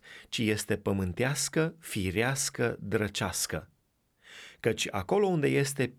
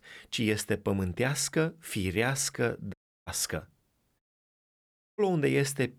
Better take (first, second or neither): first